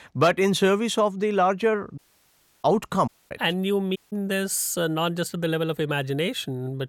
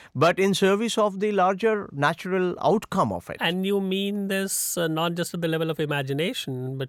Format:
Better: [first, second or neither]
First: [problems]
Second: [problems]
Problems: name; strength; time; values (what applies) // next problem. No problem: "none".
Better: second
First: audio cutting out; at 2 s for 0.5 s, at 3 s and at 4 s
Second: none